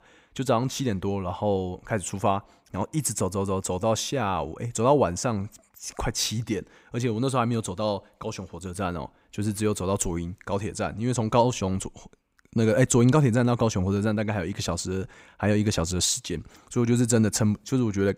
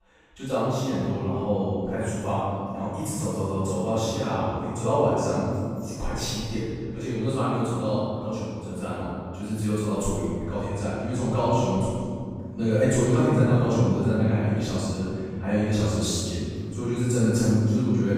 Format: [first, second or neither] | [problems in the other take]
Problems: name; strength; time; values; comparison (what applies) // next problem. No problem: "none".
first | off-mic speech; far // room echo; strong; dies away in 2.9 s